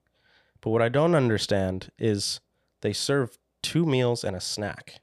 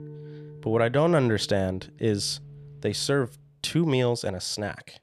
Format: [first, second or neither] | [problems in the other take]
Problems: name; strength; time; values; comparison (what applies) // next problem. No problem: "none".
first | background music; noticeable; until 3.5 s; 20 dB below the speech